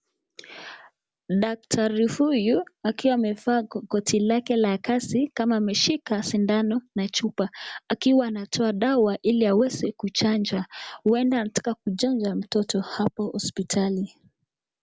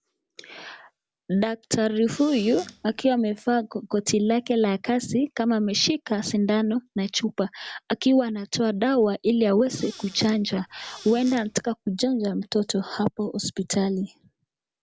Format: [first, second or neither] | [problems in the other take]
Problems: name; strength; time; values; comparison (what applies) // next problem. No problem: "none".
first | background sound (Squeak / Cupboard open or close); 20 dB below the speech